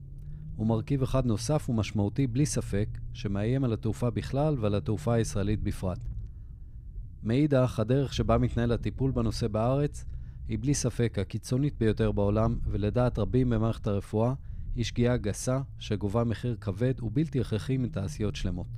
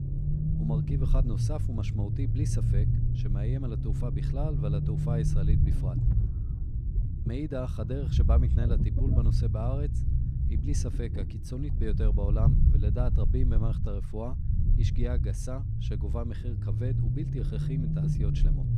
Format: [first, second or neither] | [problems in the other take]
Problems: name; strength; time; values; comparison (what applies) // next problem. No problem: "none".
first | low rumble; loud; throughout; 1 dB below the speech; faint in the first